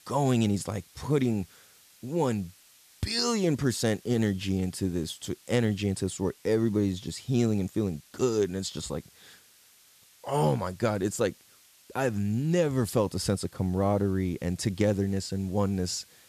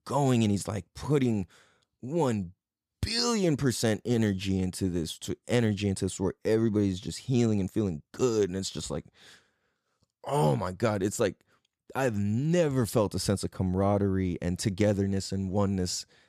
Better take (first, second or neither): second